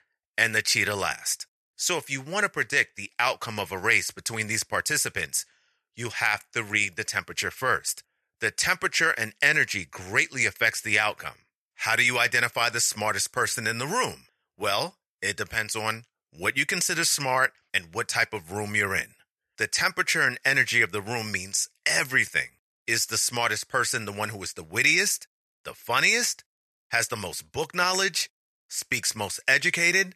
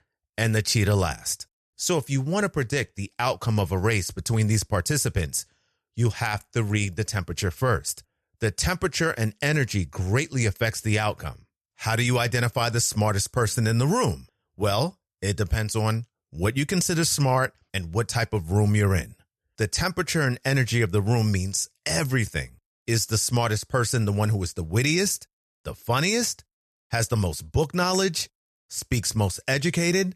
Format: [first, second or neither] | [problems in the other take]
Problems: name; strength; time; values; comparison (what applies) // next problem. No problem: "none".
second | thin; very; fading below 750 Hz